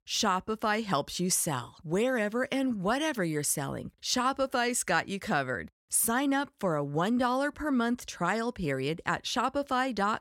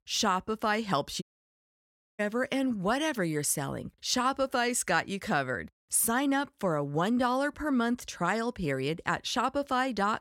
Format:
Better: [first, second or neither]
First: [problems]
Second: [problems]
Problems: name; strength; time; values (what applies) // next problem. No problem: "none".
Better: first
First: none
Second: audio cutting out; at 1 s for 1 s